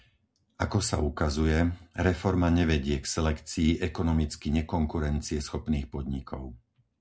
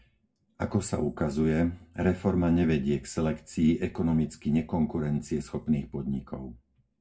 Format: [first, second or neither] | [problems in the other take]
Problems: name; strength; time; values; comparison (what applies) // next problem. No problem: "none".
first | room echo; dies away in 0.2 s